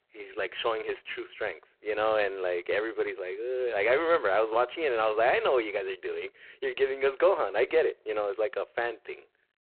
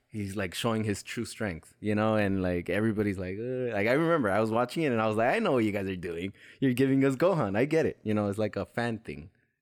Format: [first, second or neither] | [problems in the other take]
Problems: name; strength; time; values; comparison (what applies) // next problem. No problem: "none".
second | phone-call audio; poor line; nothing above 4 kHz